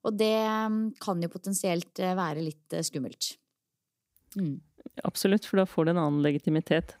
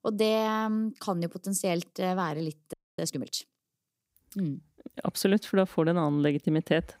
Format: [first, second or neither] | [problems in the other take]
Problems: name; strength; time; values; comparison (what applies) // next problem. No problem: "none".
first | audio freezing; at 2.5 s